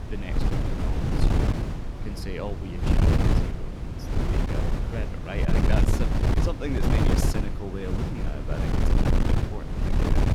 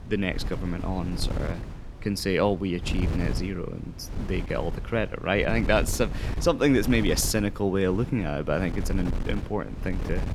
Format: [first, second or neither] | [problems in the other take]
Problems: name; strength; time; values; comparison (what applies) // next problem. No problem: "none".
second | wind noise on the microphone; heavy; 5 dB above the speech; occasional gusts in the second